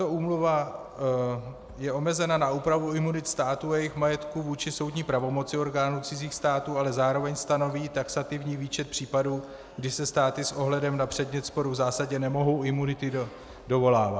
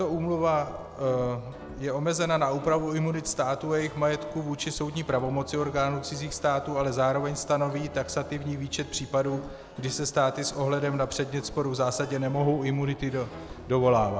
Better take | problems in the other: first | background sound (Guitar); 16 dB below the speech

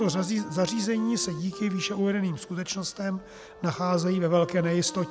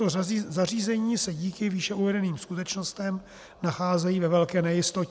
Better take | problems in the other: second | background sound (Wind instrument, woodwind instrument); 15 dB below the speech

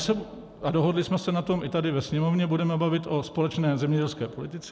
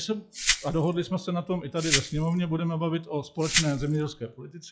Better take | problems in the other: first | noise reduction (classical method log-MMSE)

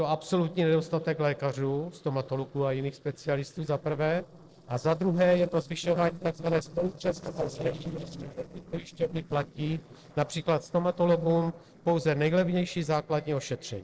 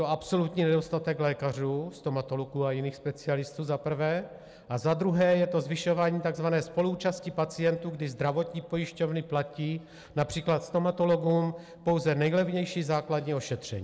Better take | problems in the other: second | noise reduction (neural separator model SepFormer DNS4)

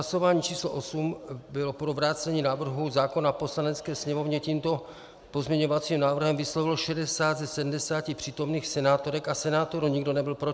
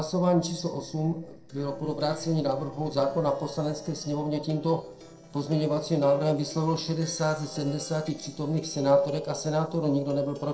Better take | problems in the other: first | noise reduction (neural separator model SepFormer DNS4)

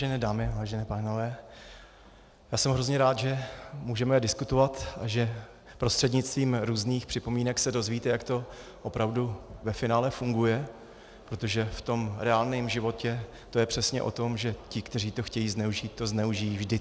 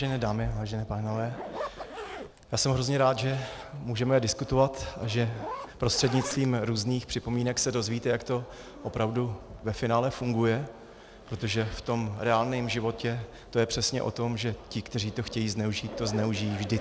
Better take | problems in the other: first | background sound (Zipper (clothing)); 16 dB below the speech

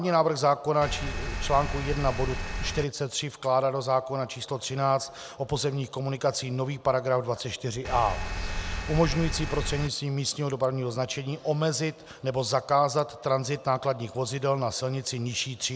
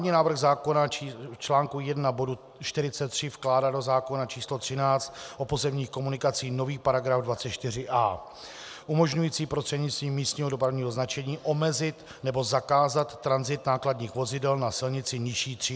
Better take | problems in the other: second | background sound (Engine); 3 dB below the speech

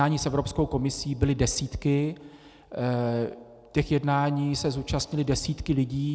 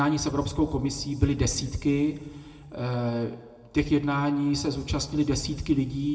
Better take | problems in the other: first | room echo; dies away in 1.1 s

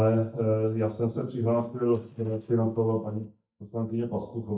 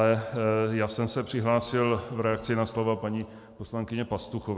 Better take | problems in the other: second | noise reduction (neural mask model DeepFilterNet 3)

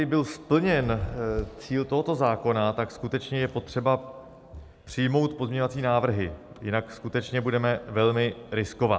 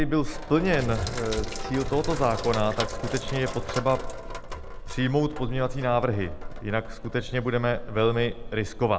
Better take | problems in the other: first | background sound (Sink (filling or washing)); 6 dB below the speech

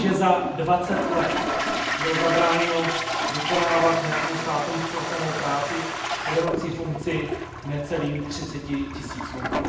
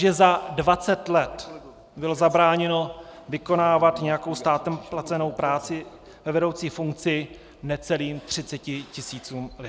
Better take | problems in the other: second | background sound (Toilet flush); 2 dB below the speech // room echo; dies away in 0.8 s

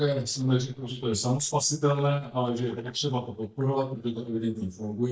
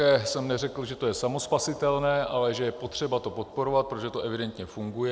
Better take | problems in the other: second | noise reduction (neural mask model DeepFilterNet 3)

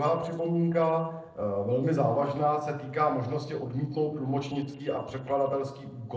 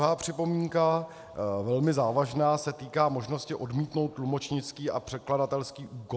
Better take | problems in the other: second | noise reduction (neural separator model SepFormer DNS4)

